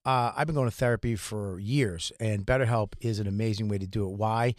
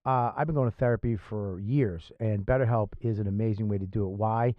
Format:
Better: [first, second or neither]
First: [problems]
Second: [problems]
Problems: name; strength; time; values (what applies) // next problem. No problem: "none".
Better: first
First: none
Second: muffled; very; fading above 3.5 kHz